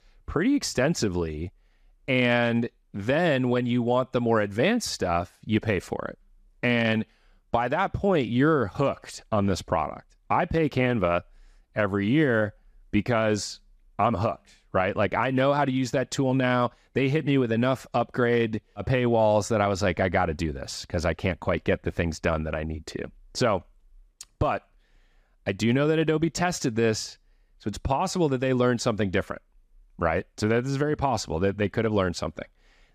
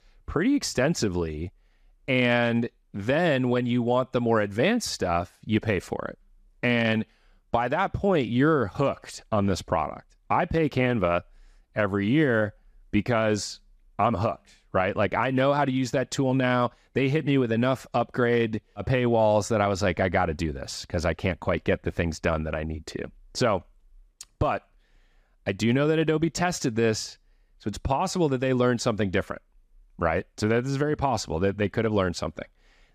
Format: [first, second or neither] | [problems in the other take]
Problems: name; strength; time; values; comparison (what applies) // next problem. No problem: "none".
neither | none